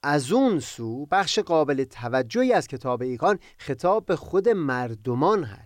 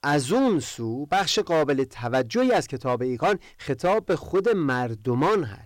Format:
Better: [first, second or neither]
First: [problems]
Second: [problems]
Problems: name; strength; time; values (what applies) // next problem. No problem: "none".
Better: first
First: none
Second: distortion; slight; 10% of the sound clipped